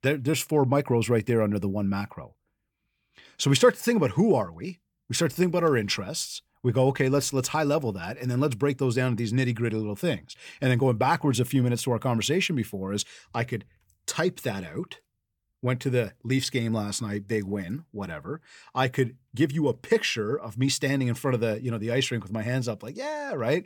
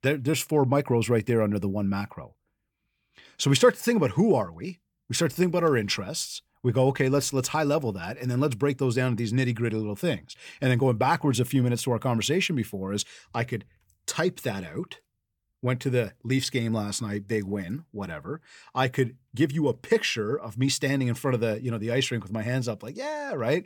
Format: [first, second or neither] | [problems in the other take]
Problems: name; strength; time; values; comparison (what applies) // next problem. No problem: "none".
neither | none